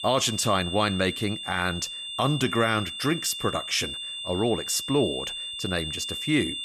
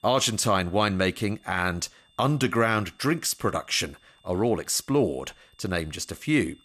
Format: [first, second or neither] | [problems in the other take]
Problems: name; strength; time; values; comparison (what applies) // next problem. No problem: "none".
second | high-pitched whine; loud; throughout; 3.5 kHz, 5 dB below the speech; faint in the second